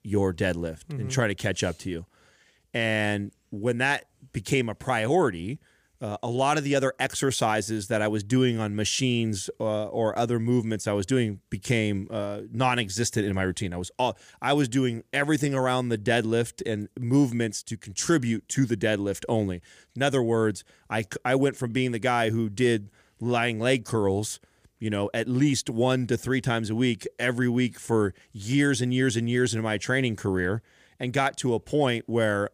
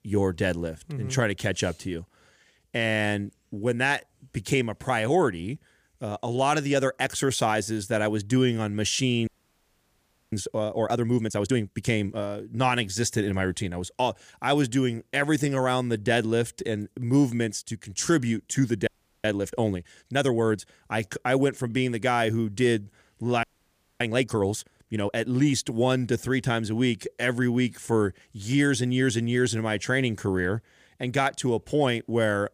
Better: first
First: none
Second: audio freezing; at 9.5 s for 1 s, at 19 s and at 23 s for 0.5 s

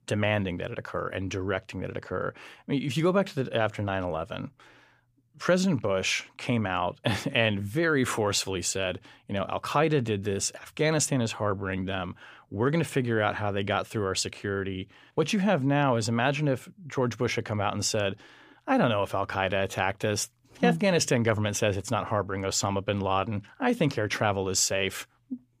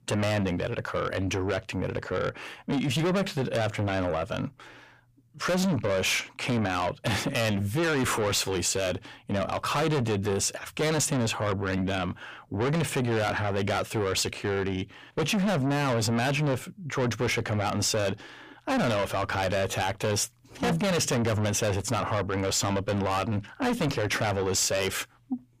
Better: first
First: none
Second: distortion; heavy; 5 dB below the speech

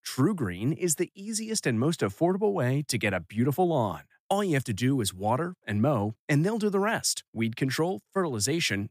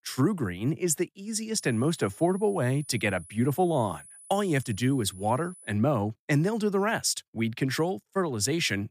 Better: first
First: none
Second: high-pitched whine; noticeable; from 1.5 to 5.5 s; 10 kHz, 20 dB below the speech

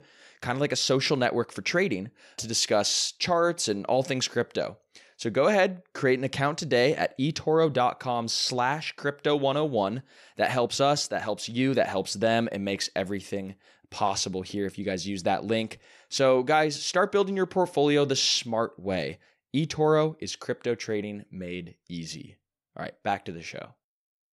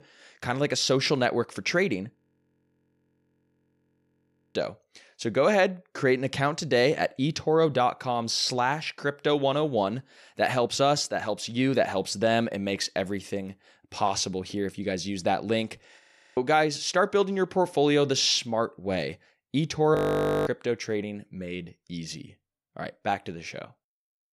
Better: first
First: none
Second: audio freezing; at 2 s for 2.5 s, at 16 s and at 20 s for 0.5 s

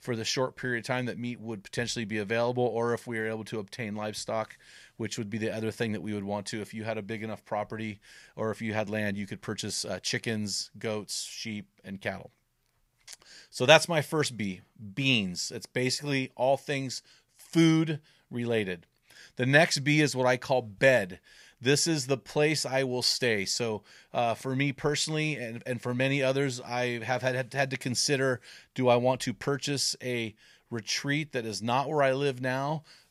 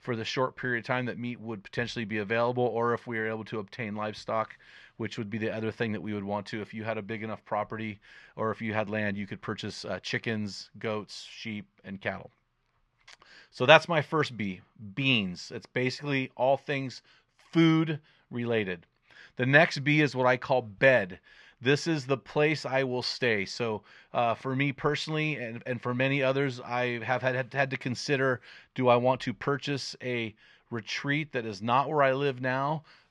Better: first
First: none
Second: muffled; slightly; fading above 3 kHz

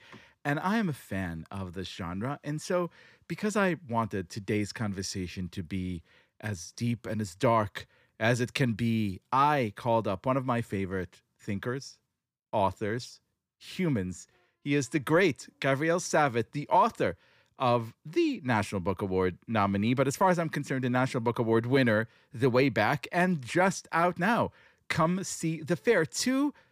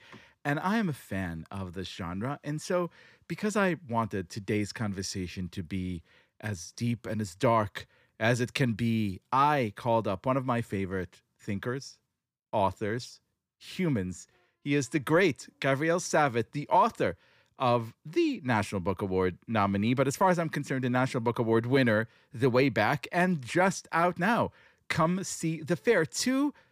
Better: neither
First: none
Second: none

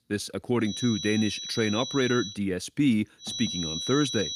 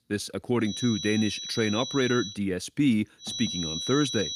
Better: neither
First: high-pitched whine; loud; from 0.5 to 2.5 s and from 3.5 s on; 4 kHz, 5 dB below the speech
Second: high-pitched whine; loud; from 0.5 to 2.5 s and from 3.5 s on; 4 kHz, 5 dB below the speech

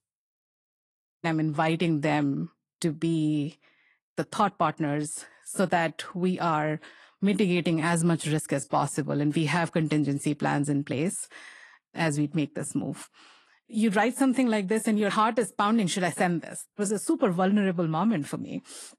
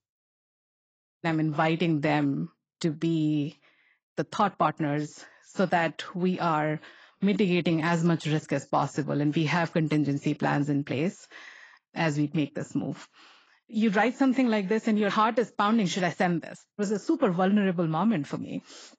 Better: first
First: garbled, watery; slightly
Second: garbled, watery; badly; nothing above 7.5 kHz

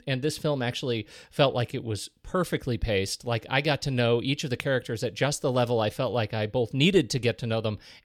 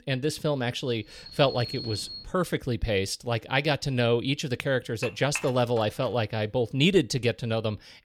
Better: first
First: none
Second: alarm; noticeable; from 1 to 2.5 s; peak 7 dB below the speech // clattering dishes; noticeable; from 5 to 6 s; peak 7 dB below the speech

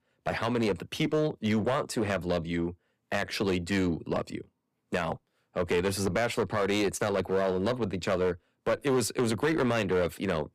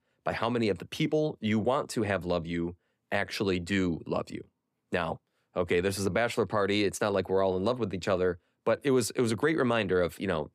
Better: second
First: distortion; slight; 9% of the sound clipped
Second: none

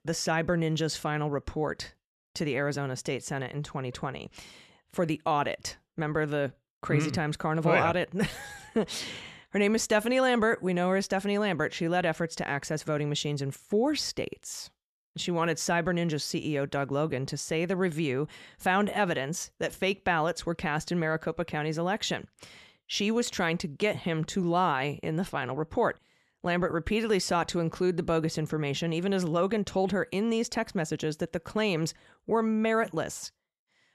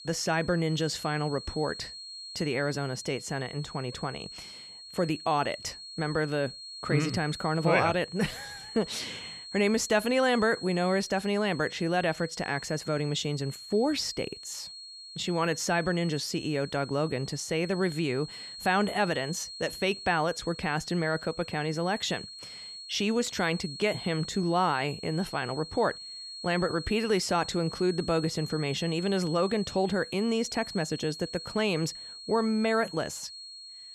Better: first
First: none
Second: high-pitched whine; noticeable; throughout; 4.5 kHz, 10 dB below the speech

